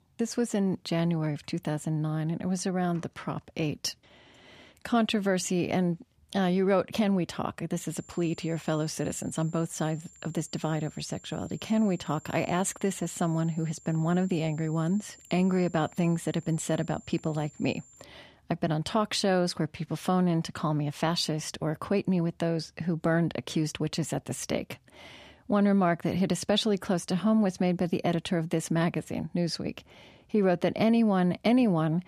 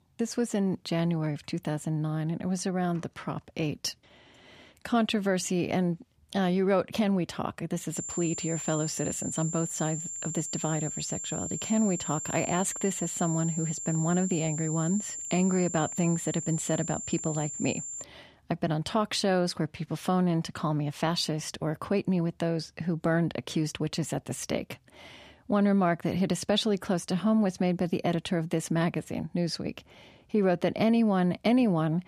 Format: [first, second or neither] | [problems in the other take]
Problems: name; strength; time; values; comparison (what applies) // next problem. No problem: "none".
first | high-pitched whine; loud; from 8 to 18 s; 7.5 kHz, 5 dB below the speech; faint in the first